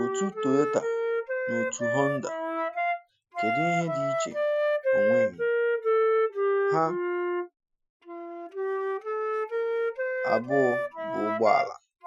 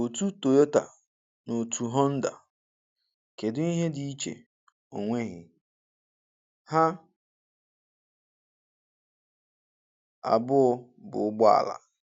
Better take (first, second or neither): second